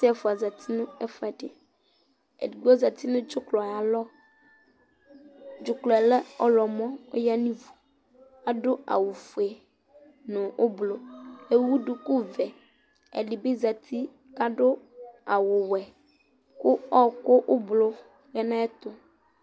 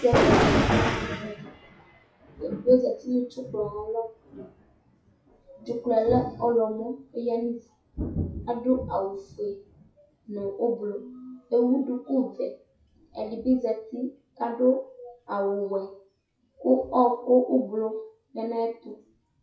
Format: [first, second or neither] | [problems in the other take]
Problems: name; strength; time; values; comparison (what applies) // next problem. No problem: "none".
first | noise reduction (classical method WPE with log-MMSE)